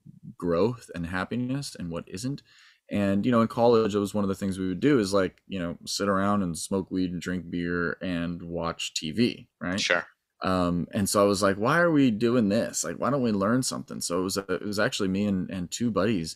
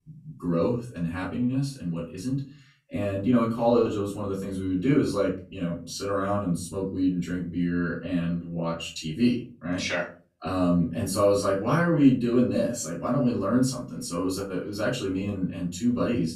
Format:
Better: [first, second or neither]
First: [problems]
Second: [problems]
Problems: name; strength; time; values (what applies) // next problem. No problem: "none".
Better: first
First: none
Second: off-mic speech; far // room echo; slight; dies away in 0.4 s